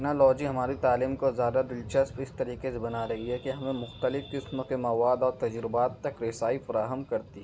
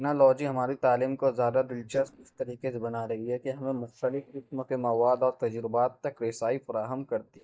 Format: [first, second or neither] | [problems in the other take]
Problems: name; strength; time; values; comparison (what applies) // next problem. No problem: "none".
first | noise reduction (neural mask model DeepFilterNet 3)